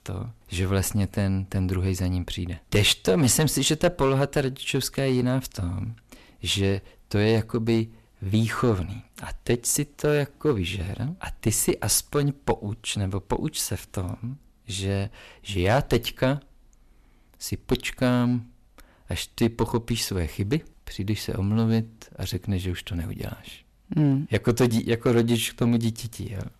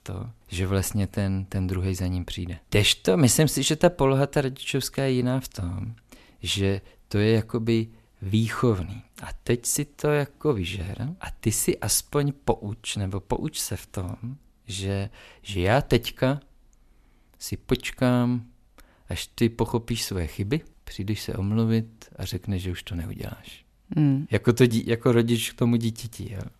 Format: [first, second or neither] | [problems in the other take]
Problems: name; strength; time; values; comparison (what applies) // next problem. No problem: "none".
second | distortion; slight; 3% of the sound clipped